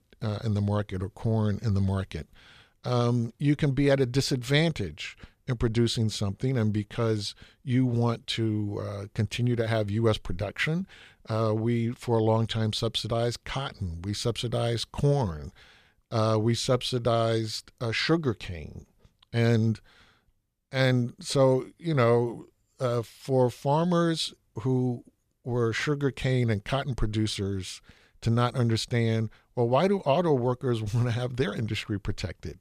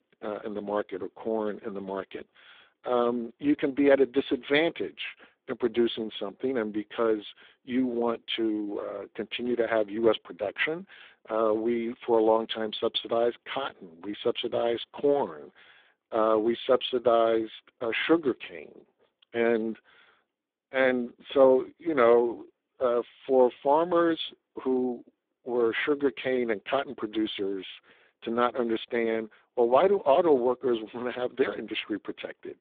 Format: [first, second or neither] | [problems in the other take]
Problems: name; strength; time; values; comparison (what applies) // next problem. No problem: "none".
first | phone-call audio; poor line